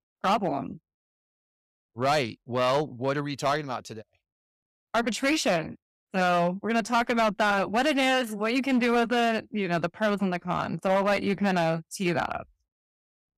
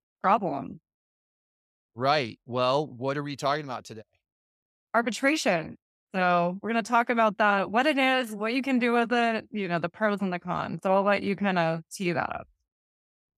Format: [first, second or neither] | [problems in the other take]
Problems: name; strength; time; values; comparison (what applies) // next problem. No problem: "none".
second | distortion; slight; 6% of the sound clipped